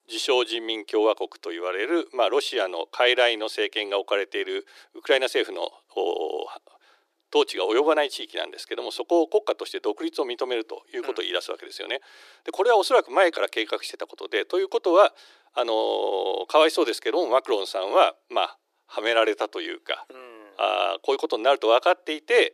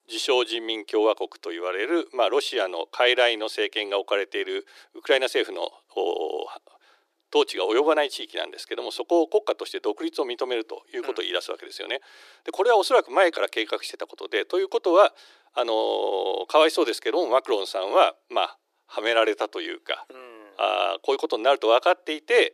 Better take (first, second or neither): neither